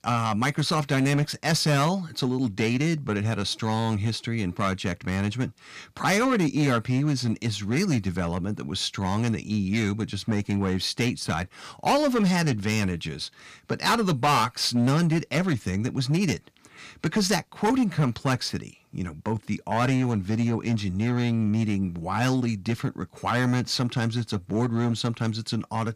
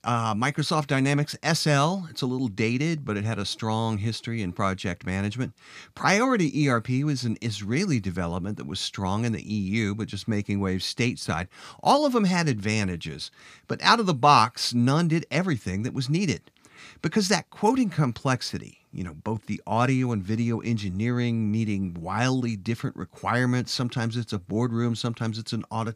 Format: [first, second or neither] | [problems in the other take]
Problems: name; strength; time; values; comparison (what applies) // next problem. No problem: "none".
second | distortion; slight; 6% of the sound clipped